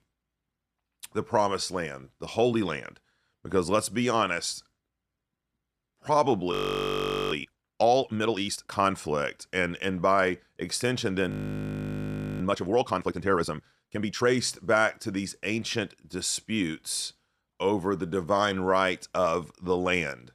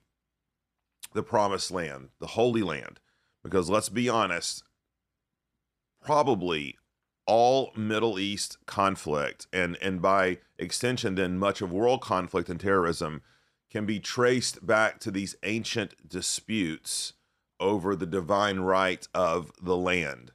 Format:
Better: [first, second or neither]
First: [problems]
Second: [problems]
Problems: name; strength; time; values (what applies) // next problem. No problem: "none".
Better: second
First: audio freezing; at 6.5 s for 1 s and at 11 s for 1 s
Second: none